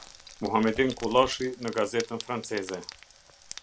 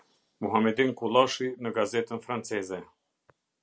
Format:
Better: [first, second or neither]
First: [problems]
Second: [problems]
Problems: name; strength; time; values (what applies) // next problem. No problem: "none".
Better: second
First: background sound (Frying (food)); 16 dB below the speech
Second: none